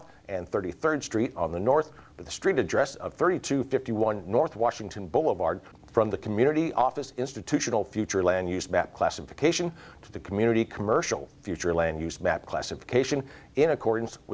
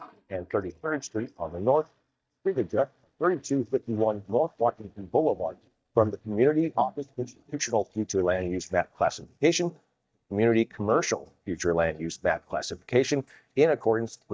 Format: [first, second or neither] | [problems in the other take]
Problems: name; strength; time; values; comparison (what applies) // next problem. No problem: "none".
first | noise reduction (neural mask model DeepFilterNet 3)